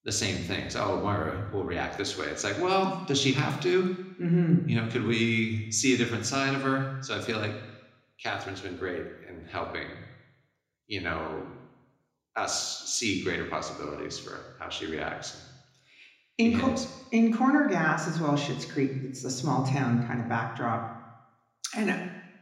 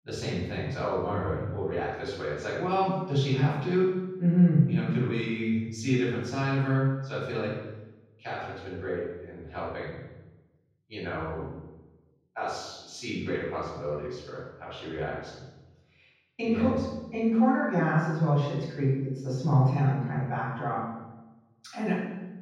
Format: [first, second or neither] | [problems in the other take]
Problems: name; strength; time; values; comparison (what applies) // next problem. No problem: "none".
first | room echo; strong; dies away in 1.3 s; slight in the first // off-mic speech; far